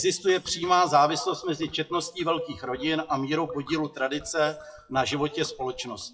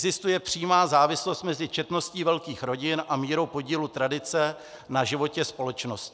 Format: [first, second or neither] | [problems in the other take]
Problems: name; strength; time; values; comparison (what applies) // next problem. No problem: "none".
second | noise reduction (classical method WPE with log-MMSE)